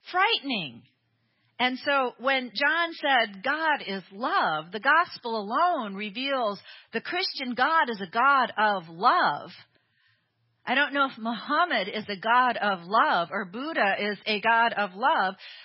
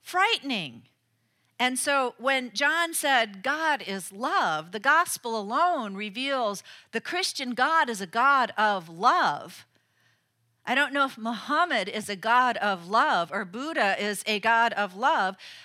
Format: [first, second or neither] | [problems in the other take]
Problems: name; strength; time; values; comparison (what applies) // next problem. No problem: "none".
second | garbled, watery; badly; nothing above 5.5 kHz